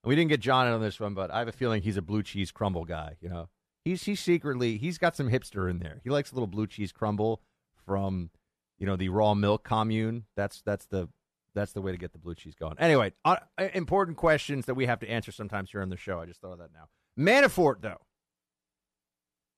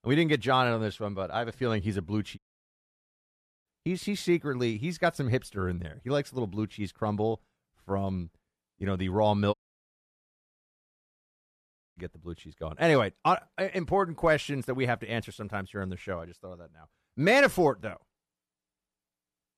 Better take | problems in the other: first | audio cutting out; at 2.5 s for 1.5 s and at 9.5 s for 2.5 s

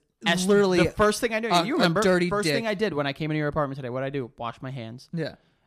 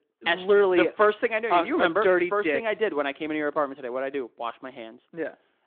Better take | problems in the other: first | phone-call audio; nothing above 3.5 kHz

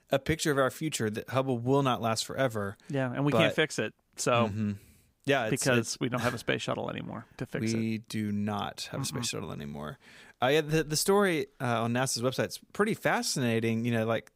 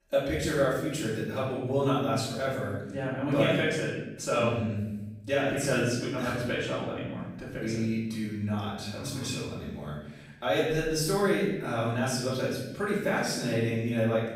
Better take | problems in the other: first | room echo; noticeable; dies away in 1 s // off-mic speech; far

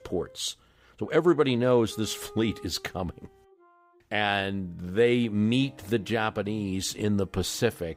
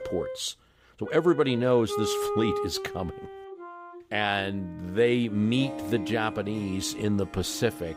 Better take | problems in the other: first | background music; loud; throughout; 9 dB below the speech; faint in the first

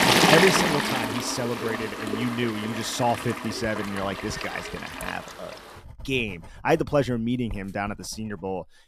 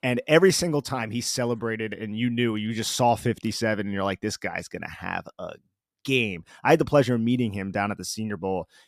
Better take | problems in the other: second | household noises; very loud; throughout; 2 dB above the speech

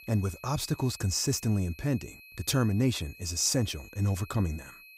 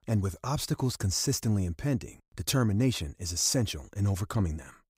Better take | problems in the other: second | high-pitched whine; noticeable; throughout; 2.5 kHz, 20 dB below the speech

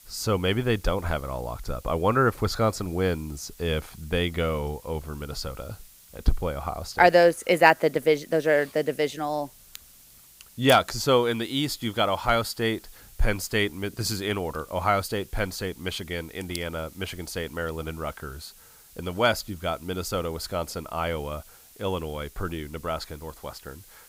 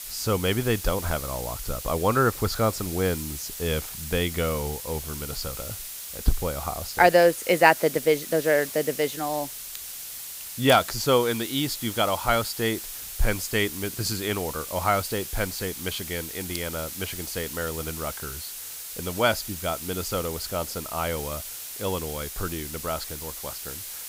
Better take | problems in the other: first | hiss; loud; throughout; 8 dB below the speech; faint in the first

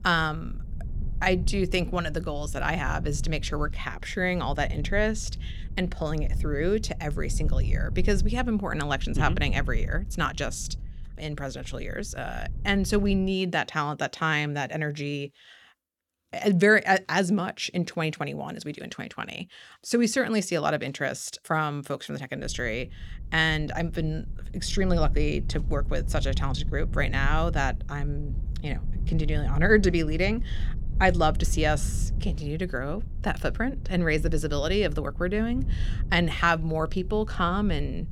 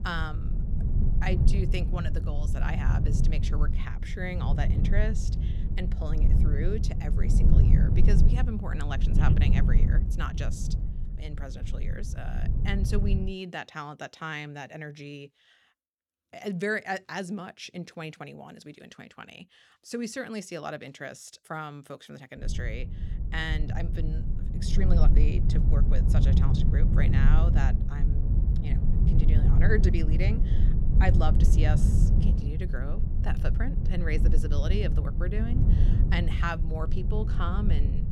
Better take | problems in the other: first | low rumble; loud; until 13 s and from 22 s on; 4 dB below the speech; faint in the first

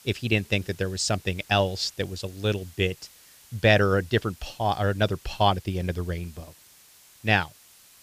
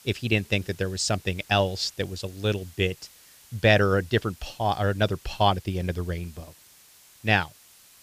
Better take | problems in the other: neither | hiss; faint; throughout; 25 dB below the speech; the same in both

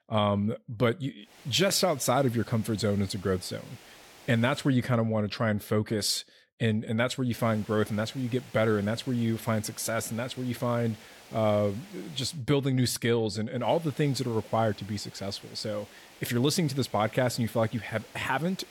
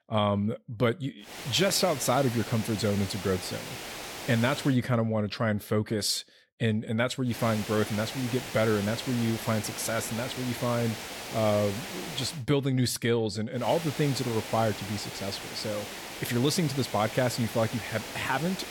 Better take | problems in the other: first | hiss; loud; from 1.5 to 4.5 s, from 7.5 to 12 s and from 14 s on; 9 dB below the speech; faint in the first

